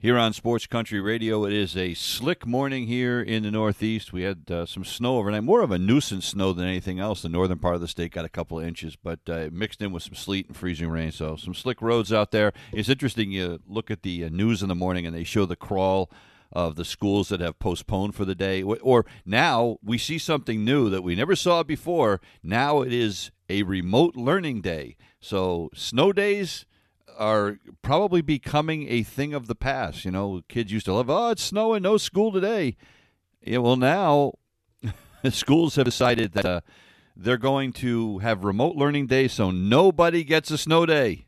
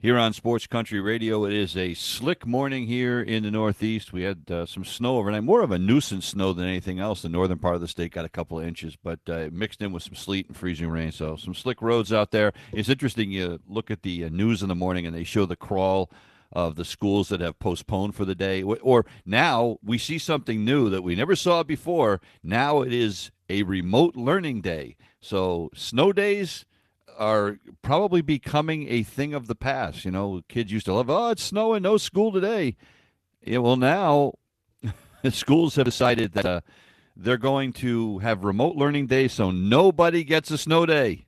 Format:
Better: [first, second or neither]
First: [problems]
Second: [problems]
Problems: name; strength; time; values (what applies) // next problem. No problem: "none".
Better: first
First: none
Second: garbled, watery; slightly; nothing above 13.5 kHz